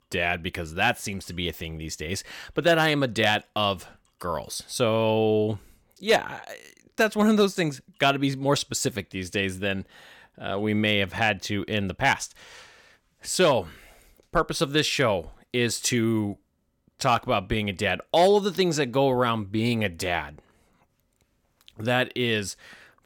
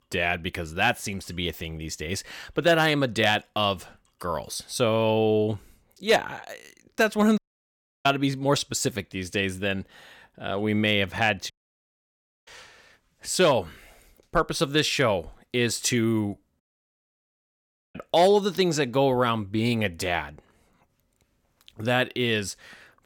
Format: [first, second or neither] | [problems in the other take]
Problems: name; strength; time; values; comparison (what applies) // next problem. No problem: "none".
first | audio cutting out; at 7.5 s for 0.5 s, at 12 s for 1 s and at 17 s for 1.5 s